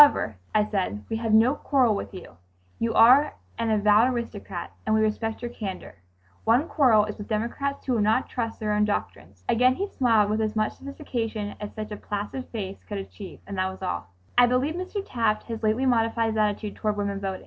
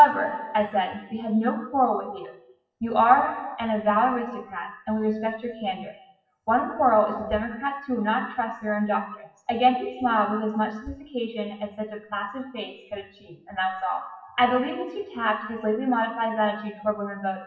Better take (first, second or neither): first